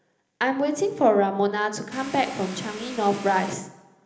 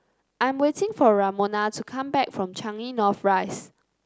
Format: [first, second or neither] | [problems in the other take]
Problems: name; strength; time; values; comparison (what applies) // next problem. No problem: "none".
second | background sound (Vehicle); 14 dB below the speech // room echo; dies away in 0.8 s